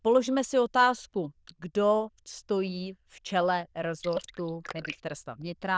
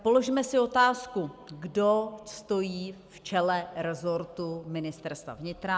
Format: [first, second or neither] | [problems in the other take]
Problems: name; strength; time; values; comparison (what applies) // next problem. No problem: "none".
second | noise reduction (neural diffusion model UNIVERSE++)